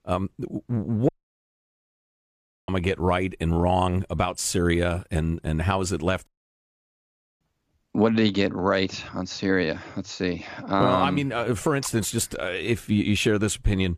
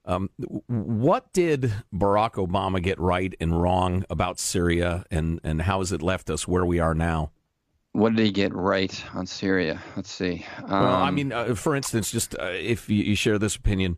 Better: second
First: audio cutting out; at 1 s for 1.5 s and at 6.5 s for 1 s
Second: none

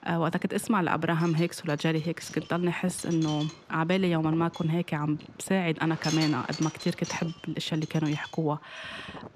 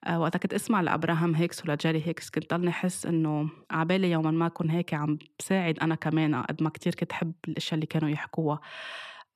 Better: second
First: wind noise on the microphone; occasional gusts; 10 dB below the speech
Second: none

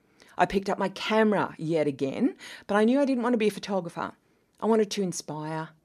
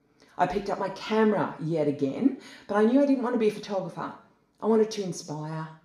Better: first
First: none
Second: room echo; slight; dies away in 0.5 s // off-mic speech; somewhat distant

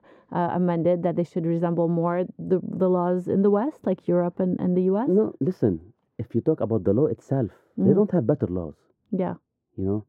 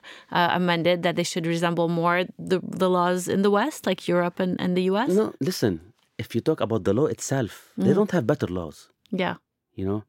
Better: second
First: muffled; very; fading above 1.5 kHz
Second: none

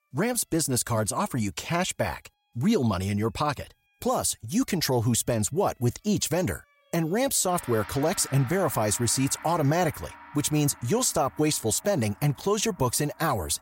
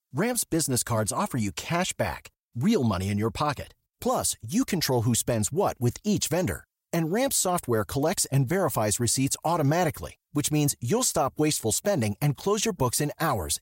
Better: second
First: background music; noticeable; throughout; 20 dB below the speech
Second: none

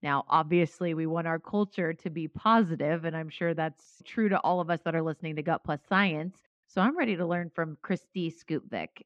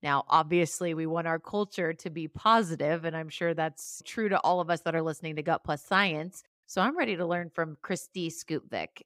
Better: second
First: muffled; slightly; fading above 2.5 kHz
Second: none

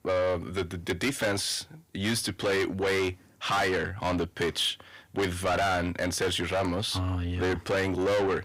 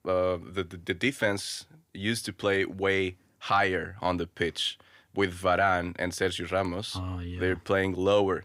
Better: second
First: distortion; heavy; 6 dB below the speech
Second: none

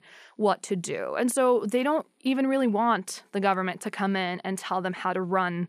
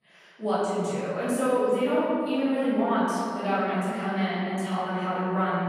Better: first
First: none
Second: off-mic speech; far // room echo; strong; dies away in 2.4 s

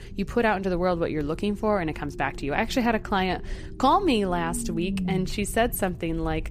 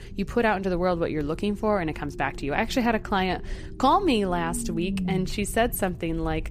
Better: neither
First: low rumble; noticeable; throughout; 20 dB below the speech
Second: low rumble; noticeable; throughout; 20 dB below the speech

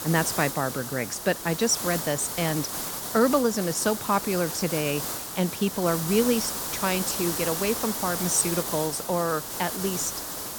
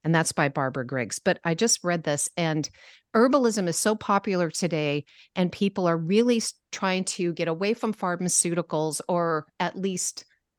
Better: second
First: hiss; loud; throughout; 4 dB below the speech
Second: none

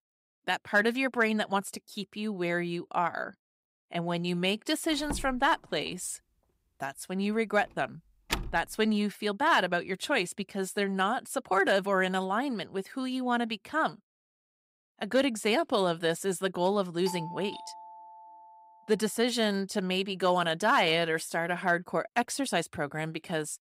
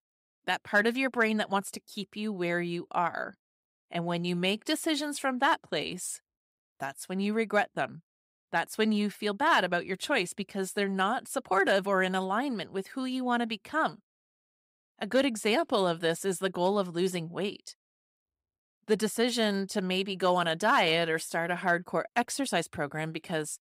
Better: second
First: door banging; noticeable; from 5 to 8.5 s; peak 5 dB below the speech // doorbell; faint; from 17 to 19 s; peak 10 dB below the speech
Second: none

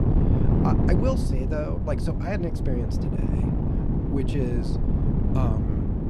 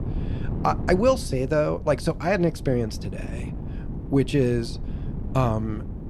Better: second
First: wind noise on the microphone; heavy; 1 dB below the speech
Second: wind noise on the microphone; occasional gusts; 15 dB below the speech

